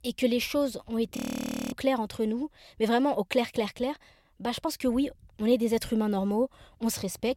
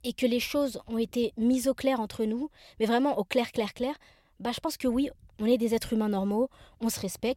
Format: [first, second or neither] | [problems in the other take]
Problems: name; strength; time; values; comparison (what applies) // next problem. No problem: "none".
second | audio freezing; at 1 s for 0.5 s